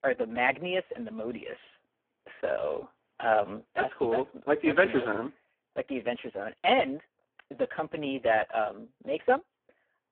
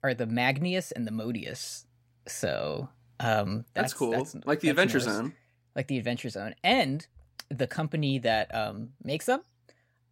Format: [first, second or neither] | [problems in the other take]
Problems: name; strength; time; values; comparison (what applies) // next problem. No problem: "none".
second | phone-call audio; poor line